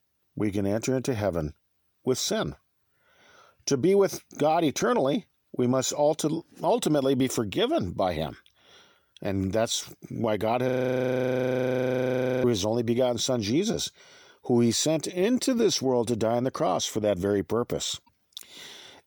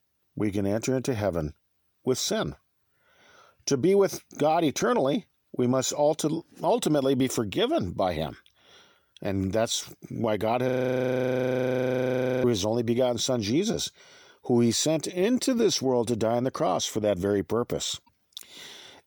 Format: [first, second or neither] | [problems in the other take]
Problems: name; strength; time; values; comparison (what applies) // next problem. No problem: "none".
neither | audio freezing; at 11 s for 2 s; the same in both